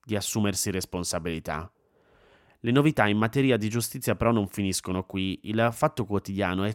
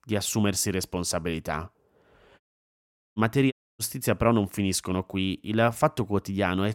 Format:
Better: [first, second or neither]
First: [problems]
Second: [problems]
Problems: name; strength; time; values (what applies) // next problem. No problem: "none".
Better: first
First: none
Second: audio cutting out; at 2.5 s for 1 s and at 3.5 s